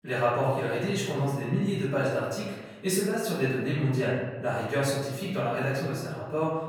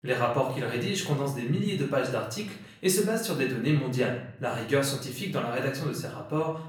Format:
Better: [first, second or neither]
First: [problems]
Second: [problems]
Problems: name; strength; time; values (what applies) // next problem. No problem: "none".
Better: second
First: room echo; strong; dies away in 1.2 s // off-mic speech; far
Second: room echo; slight; dies away in 0.6 s // off-mic speech; far